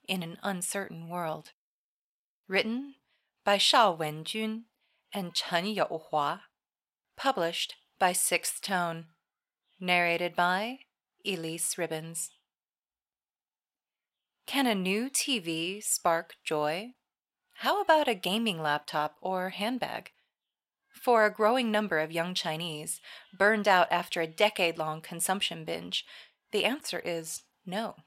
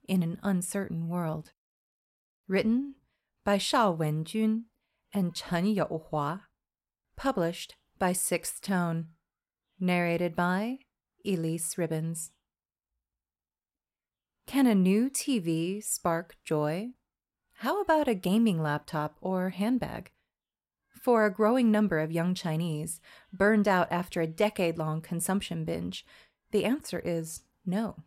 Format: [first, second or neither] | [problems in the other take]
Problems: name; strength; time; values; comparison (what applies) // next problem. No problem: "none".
second | thin; somewhat; fading below 1 kHz